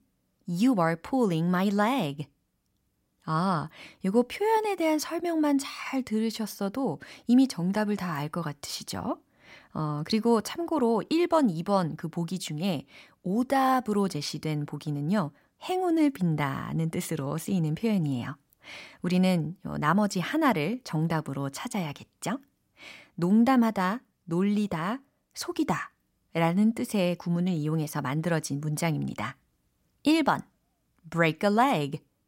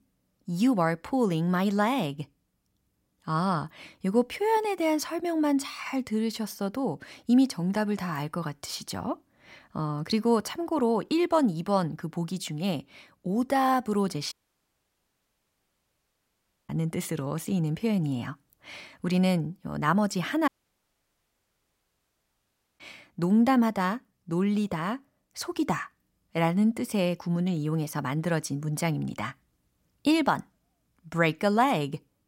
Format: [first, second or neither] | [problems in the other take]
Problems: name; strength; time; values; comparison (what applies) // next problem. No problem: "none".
first | audio cutting out; at 14 s for 2.5 s and at 20 s for 2.5 s